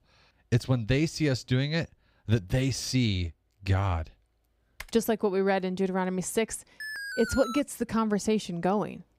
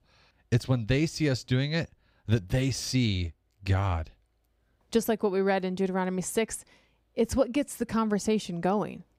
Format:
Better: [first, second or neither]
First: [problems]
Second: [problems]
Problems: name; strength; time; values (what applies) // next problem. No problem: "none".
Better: second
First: keyboard typing; faint; at 5 s; peak 20 dB below the speech // alarm; noticeable; at 7 s; peak 7 dB below the speech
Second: none